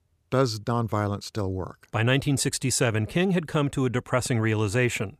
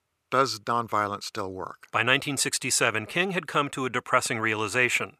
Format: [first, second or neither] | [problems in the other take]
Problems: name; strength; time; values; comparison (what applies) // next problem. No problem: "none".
first | thin; somewhat; fading below 1 kHz